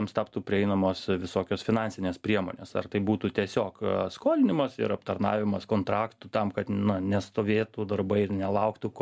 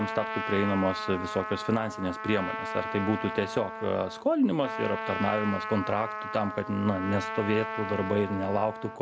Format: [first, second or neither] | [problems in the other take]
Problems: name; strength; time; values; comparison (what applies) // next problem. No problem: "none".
first | background sound (Trumpet); 6 dB below the speech